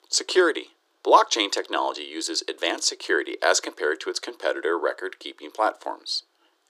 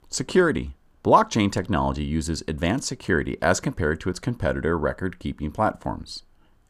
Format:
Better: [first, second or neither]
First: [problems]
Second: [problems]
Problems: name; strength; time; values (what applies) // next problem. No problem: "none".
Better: second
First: thin; very; fading below 350 Hz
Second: none